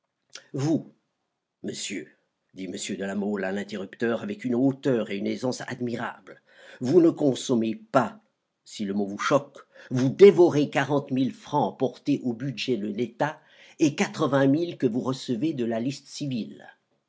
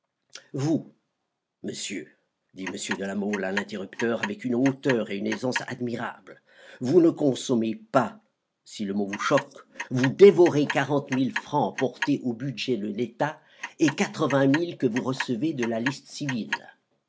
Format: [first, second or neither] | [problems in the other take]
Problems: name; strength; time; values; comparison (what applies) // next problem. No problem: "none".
first | background sound (Clock); 11 dB below the speech